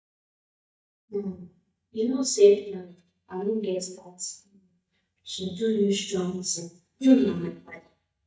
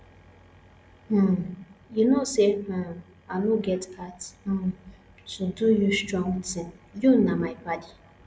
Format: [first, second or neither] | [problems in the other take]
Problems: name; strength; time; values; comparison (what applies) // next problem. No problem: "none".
second | noise reduction (neural mask model DeepFilterNet 3)